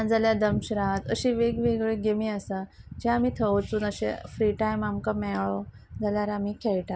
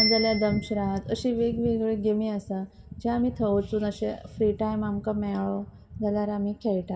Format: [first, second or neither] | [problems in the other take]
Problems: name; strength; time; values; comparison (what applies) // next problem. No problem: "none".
first | background sound (Bicycle bell); 11 dB below the speech // room echo; dies away in 2.1 s